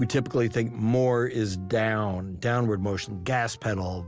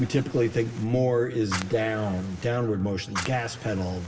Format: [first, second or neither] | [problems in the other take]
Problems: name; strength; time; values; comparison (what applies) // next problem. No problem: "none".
first | background sound (Fire); 14 dB below the speech // room echo; dies away in 2.8 s